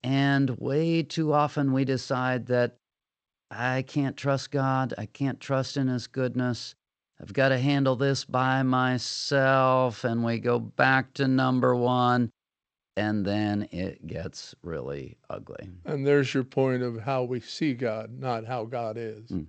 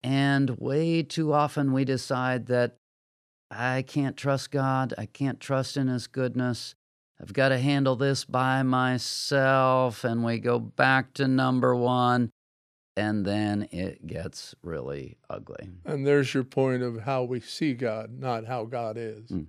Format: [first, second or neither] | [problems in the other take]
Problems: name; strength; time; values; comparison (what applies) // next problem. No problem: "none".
second | garbled, watery; slightly; nothing above 8 kHz